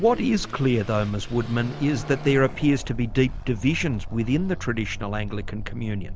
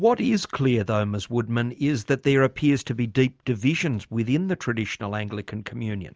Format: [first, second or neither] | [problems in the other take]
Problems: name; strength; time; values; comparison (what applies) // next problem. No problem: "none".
second | background sound (Car passing by / Accelerating, revving, vroom); 9 dB below the speech